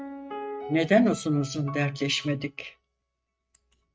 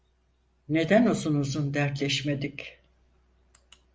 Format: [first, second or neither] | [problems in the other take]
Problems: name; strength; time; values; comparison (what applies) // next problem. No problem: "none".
second | noise reduction (neural mask model RNNoise)